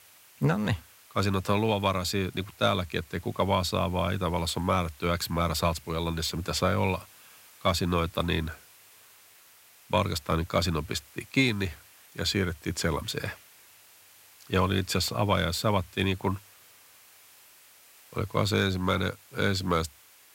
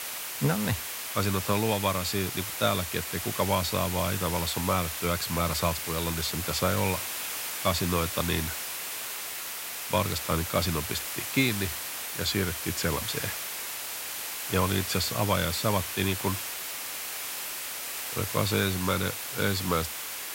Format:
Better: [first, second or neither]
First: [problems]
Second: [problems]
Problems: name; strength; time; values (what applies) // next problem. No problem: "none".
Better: first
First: hiss; faint; throughout; 25 dB below the speech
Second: hiss; loud; throughout; 3 dB below the speech